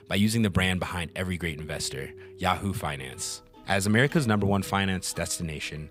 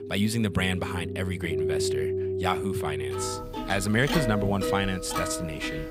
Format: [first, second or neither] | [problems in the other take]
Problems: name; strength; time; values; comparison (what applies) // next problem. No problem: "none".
first | background music; loud; throughout; 2 dB below the speech; faint in the first